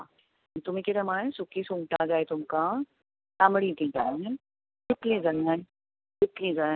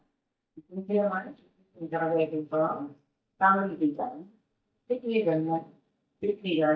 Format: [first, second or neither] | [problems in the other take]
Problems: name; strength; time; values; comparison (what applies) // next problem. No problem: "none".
first | noise reduction (neural mask model DeepFilterNet 3)